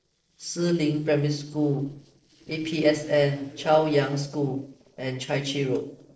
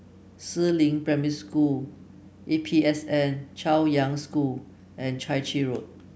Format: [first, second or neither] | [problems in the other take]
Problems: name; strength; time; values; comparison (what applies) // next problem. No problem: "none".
second | noise reduction (neural separator model SepFormer DNS4)